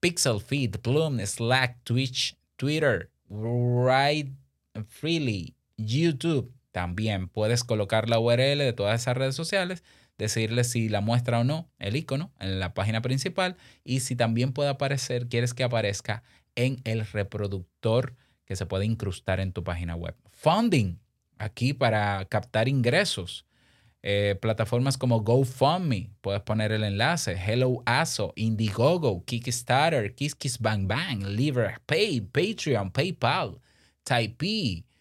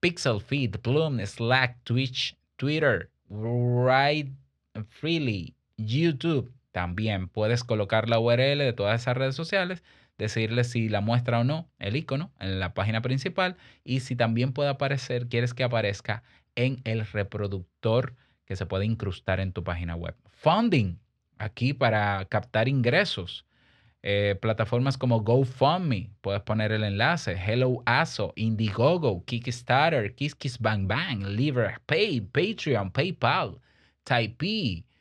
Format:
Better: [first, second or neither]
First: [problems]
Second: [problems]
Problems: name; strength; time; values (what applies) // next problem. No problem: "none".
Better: first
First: none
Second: muffled; very slightly; fading above 3.5 kHz